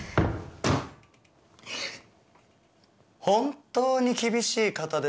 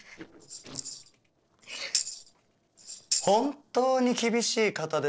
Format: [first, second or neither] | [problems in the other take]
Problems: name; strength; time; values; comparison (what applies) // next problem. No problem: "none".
first | noise reduction (neural separator model SepFormer DNS4)